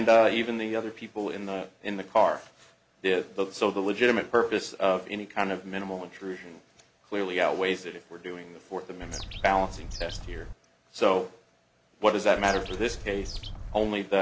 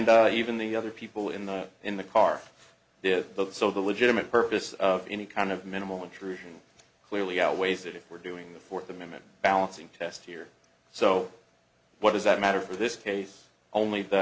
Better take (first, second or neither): second